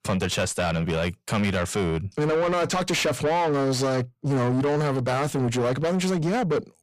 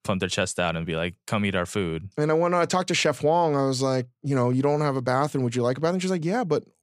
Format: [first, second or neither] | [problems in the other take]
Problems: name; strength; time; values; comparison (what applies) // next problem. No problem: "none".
second | distortion; heavy; 7 dB below the speech